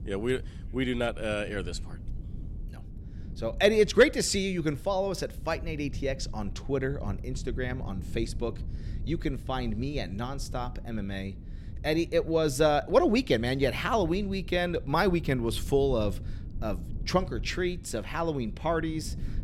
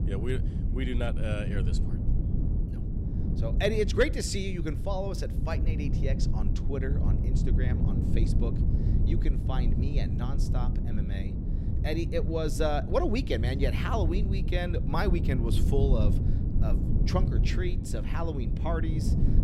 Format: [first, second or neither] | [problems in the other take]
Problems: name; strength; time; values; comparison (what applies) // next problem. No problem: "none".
first | low rumble; loud; throughout; 7 dB below the speech; faint in the first